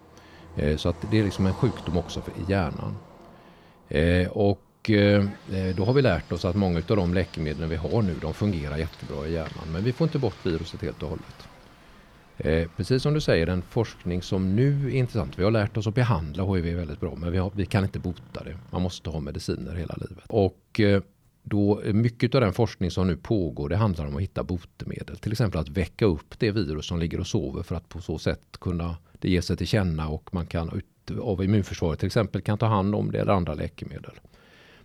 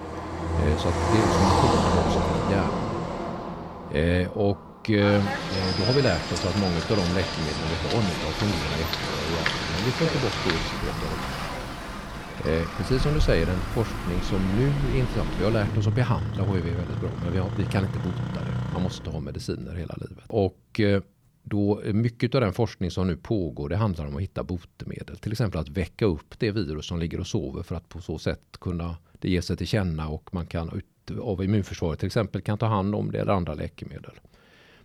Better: first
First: traffic noise; faint; until 19 s; 20 dB below the speech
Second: traffic noise; loud; until 19 s; 1 dB below the speech

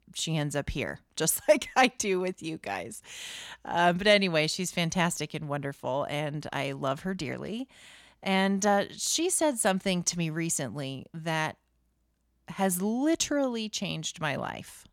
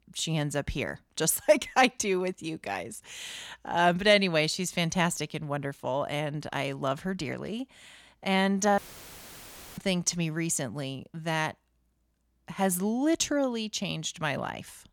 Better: first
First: none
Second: audio cutting out; filled with static; at 9 s for 1 s

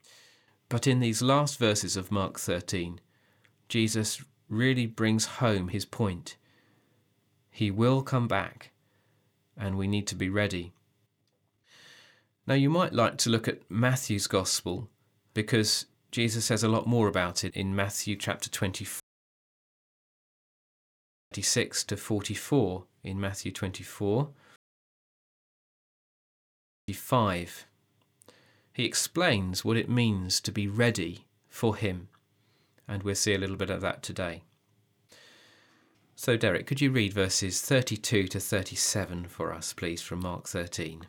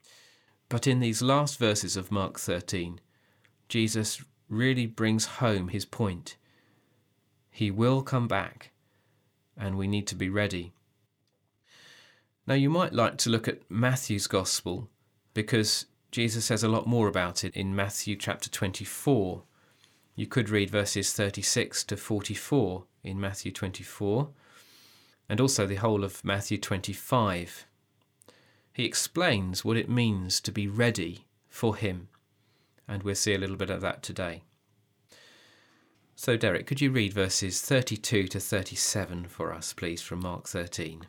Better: second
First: audio cutting out; at 19 s for 2.5 s and at 25 s for 2.5 s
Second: none

